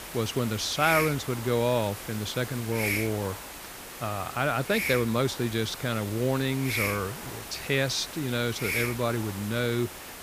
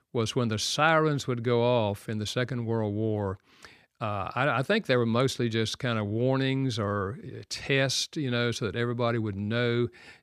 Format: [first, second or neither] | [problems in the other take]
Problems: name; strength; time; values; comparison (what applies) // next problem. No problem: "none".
second | hiss; loud; throughout; 6 dB below the speech